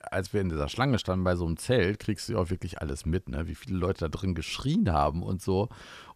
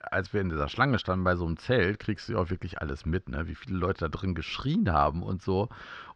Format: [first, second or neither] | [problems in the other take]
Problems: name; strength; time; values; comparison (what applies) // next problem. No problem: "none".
first | muffled; very slightly; fading above 5 kHz